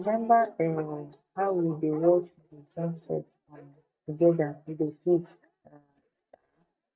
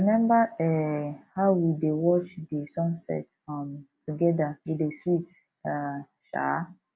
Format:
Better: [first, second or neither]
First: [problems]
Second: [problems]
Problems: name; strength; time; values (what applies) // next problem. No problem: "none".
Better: second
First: noise reduction (neural mask model DeepFilterNet 3)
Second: none